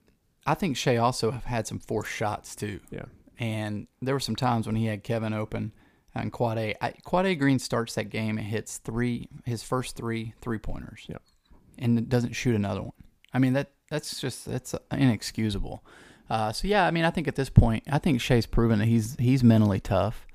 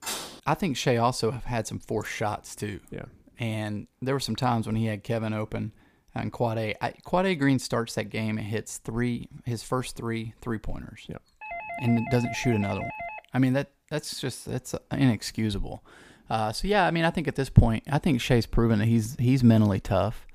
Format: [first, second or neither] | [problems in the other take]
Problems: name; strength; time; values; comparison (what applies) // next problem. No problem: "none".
first | clattering dishes; noticeable; at the start; peak 6 dB below the speech // doorbell; noticeable; from 11 to 13 s; peak 8 dB below the speech